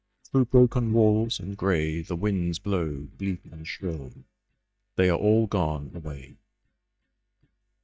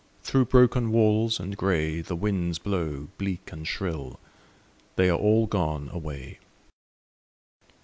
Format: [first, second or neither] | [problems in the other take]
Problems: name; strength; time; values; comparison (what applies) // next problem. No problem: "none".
second | noise reduction (neural mask model DeepFilterNet 3)